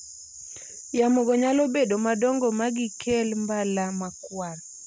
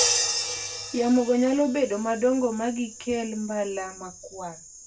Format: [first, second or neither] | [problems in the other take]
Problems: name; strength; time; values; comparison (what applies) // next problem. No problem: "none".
first | background sound (Crash cymbal); 6 dB below the speech // room echo; dies away in 0.2 s